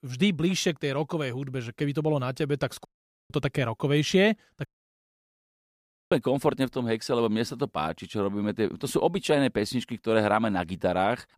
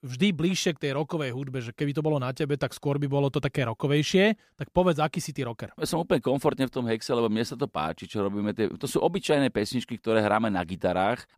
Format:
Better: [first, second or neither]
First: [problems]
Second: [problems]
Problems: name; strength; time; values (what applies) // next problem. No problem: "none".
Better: second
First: audio cutting out; at 3 s and at 4.5 s for 1.5 s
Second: none